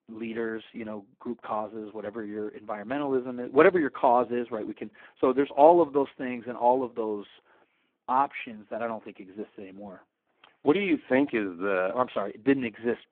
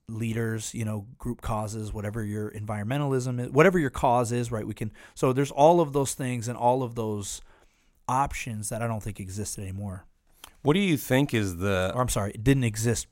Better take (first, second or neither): second